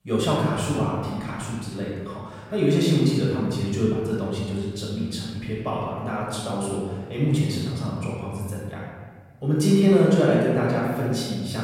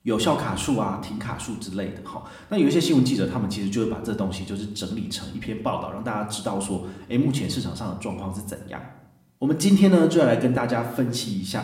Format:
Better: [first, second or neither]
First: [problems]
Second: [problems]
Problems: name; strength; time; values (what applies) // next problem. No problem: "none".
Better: second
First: room echo; strong; dies away in 1.6 s // off-mic speech; far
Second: room echo; slight; dies away in 0.6 s // off-mic speech; somewhat distant